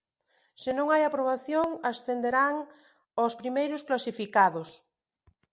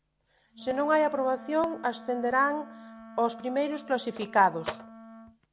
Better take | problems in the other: first | background sound (Telephone + Wind instrument, woodwind instrument); 16 dB below the speech

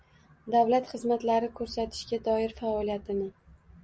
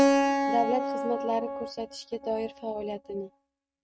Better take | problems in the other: first | noise reduction (neural mask model RNNoise)

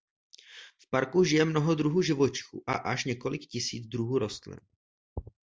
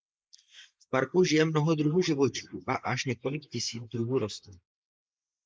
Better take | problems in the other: first | noise reduction (neural mask model Resemble Enhance denoiser)

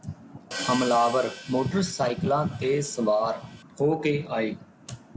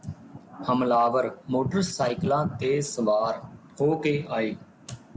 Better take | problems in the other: second | background sound (Hi-hat); 13 dB below the speech

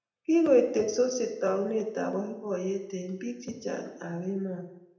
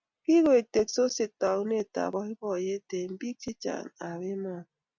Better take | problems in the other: second | room echo; dies away in 0.8 s

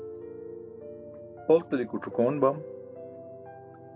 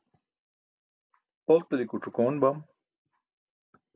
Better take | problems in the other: second | background sound (Piano); 12 dB below the speech

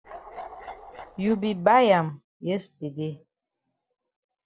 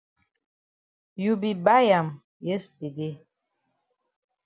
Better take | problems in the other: second | noise reduction (neural separator model SepFormer DNS4)

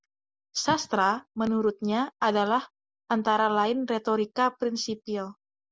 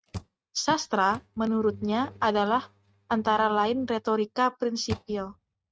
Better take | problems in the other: first | noise reduction (neural mask model RNNoise)

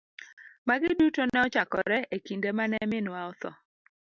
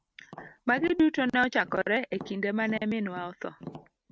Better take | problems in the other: first | noise reduction (neural mask model RNNoise)

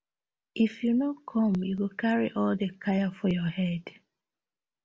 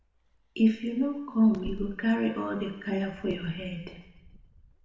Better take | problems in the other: first | background sound (Wind); 18 dB below the speech // room echo; dies away in 1 s

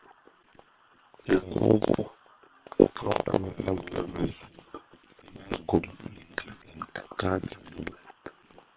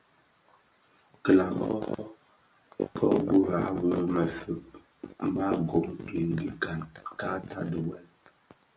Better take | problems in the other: second | noise reduction (neural separator model SepFormer WHAM!)

